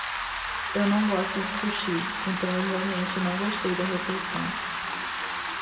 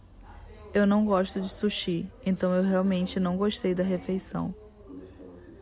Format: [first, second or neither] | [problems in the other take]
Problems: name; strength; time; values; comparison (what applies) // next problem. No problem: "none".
second | background sound (Rain); 2 dB below the speech // room echo; dies away in 1.7 s